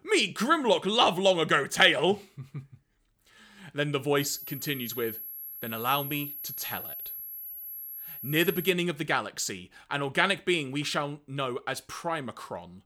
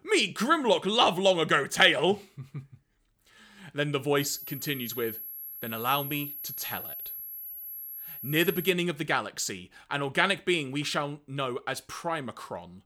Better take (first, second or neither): neither